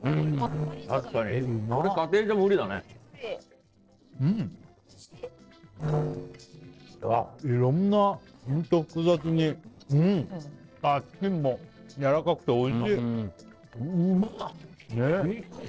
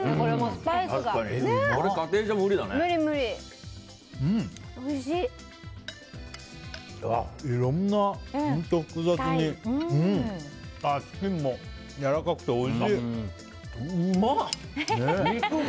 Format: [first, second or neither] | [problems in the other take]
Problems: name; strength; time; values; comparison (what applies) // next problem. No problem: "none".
second | noise reduction (neural separator model SepFormer DNS4)